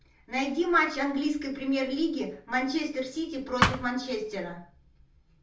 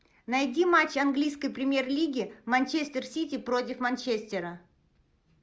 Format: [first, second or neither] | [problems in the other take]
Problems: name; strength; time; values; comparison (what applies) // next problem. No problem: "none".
second | background sound (Thump, thud); 4 dB above the speech // room echo; dies away in 0.3 s